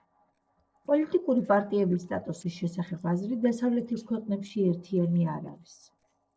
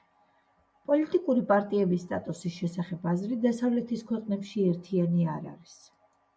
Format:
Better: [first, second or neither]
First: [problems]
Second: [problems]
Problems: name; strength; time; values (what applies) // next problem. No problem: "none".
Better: second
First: noise reduction (neural separator model SepFormer DNS4)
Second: none